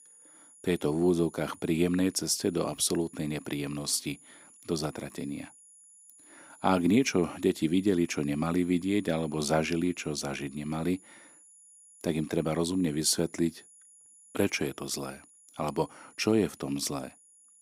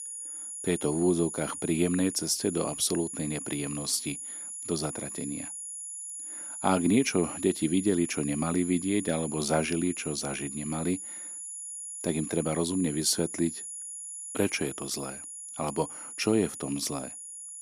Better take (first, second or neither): first